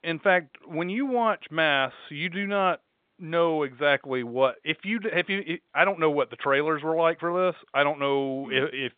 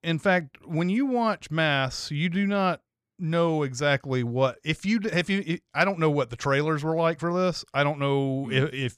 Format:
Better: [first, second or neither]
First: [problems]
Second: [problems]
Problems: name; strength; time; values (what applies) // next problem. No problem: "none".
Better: second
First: phone-call audio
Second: none